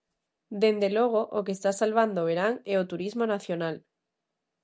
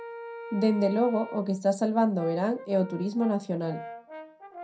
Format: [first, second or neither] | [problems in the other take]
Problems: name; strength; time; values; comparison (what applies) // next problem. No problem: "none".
first | background sound (Brass instrument); 14 dB below the speech // room echo; dies away in 0.2 s